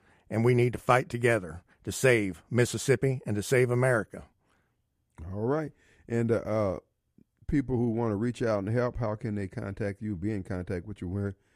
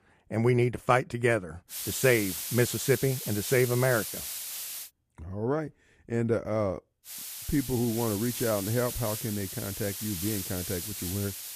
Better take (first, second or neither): first